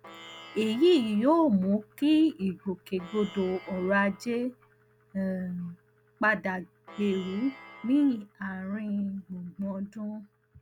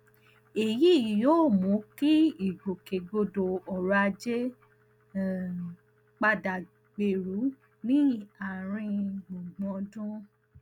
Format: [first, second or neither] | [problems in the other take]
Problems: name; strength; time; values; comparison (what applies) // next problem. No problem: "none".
second | background sound (Plucked string instrument); 19 dB below the speech